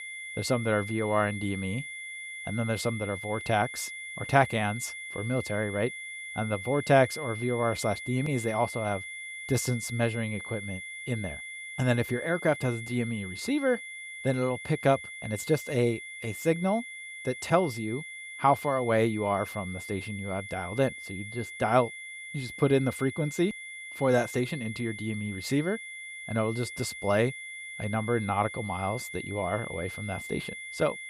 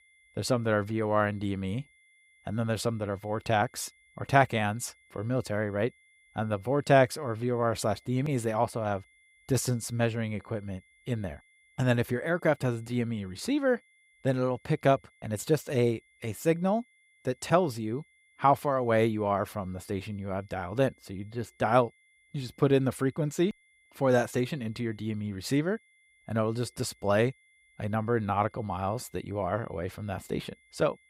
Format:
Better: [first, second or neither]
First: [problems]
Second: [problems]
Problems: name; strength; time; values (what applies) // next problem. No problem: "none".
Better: second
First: high-pitched whine; loud; throughout; 2 kHz, 9 dB below the speech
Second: high-pitched whine; faint; throughout; 2 kHz, 30 dB below the speech